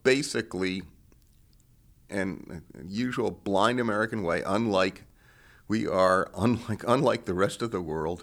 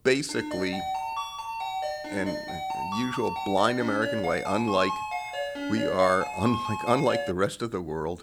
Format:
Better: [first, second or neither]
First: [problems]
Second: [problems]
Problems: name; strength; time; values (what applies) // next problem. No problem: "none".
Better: first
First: none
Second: phone ringing; noticeable; until 7.5 s; peak 3 dB below the speech